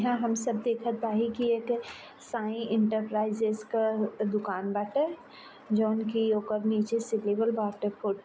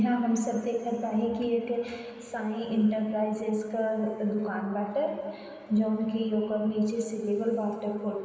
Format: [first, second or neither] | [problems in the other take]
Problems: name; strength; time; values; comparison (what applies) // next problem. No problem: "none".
first | room echo; dies away in 2.5 s